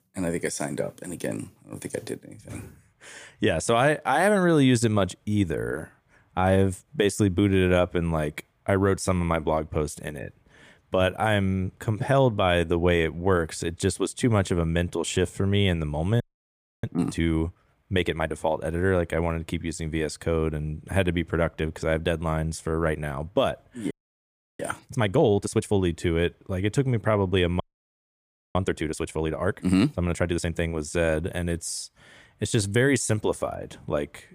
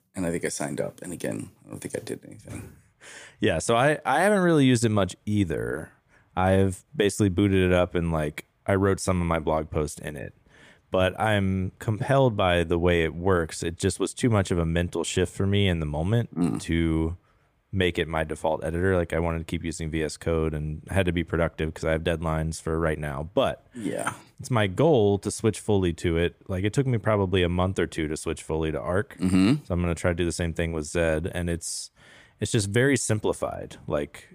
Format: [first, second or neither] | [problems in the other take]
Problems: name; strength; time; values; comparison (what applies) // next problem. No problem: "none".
second | audio freezing; at 16 s for 0.5 s, at 24 s for 0.5 s and at 28 s for 1 s